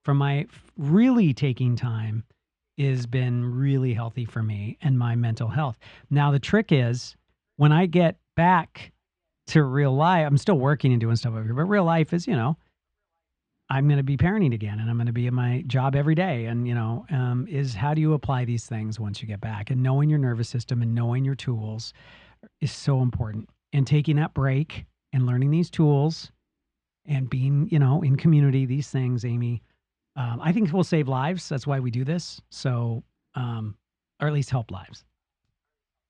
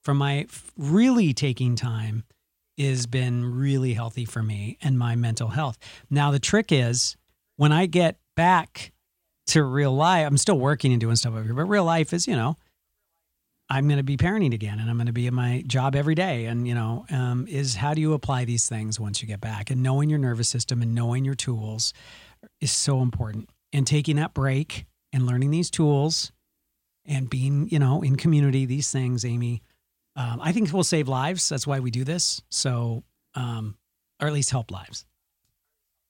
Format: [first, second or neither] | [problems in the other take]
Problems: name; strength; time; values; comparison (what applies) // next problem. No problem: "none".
second | muffled; slightly; fading above 2.5 kHz